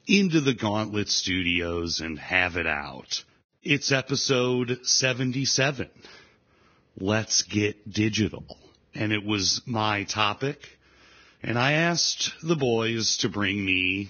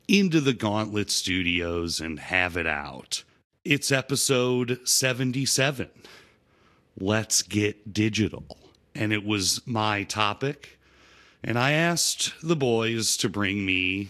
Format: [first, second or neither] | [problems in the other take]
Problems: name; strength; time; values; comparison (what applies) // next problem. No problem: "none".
second | garbled, watery; badly; nothing above 6.5 kHz; slightly in the second